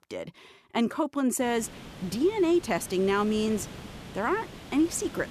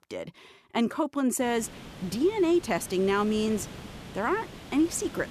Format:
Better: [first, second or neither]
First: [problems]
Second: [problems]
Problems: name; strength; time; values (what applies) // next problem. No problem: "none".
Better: neither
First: hiss; noticeable; from 1.5 s on; 15 dB below the speech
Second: hiss; noticeable; from 1.5 s on; 15 dB below the speech